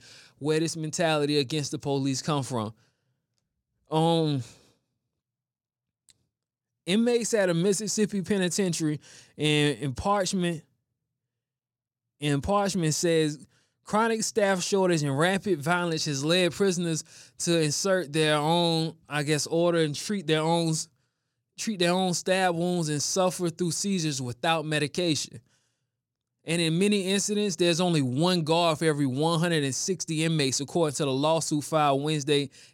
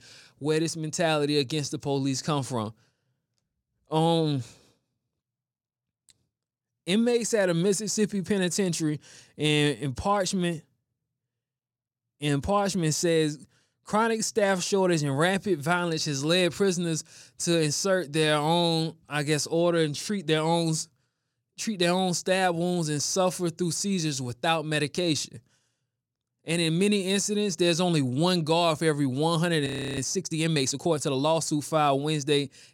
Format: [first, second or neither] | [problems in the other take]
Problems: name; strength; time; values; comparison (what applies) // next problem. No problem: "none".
first | audio freezing; at 30 s